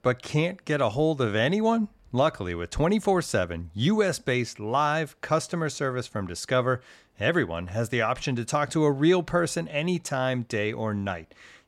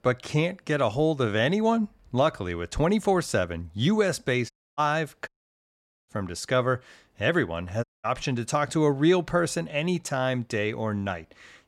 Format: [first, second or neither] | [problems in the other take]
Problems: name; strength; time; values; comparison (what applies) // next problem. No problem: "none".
first | audio cutting out; at 4.5 s, at 5.5 s for 1 s and at 8 s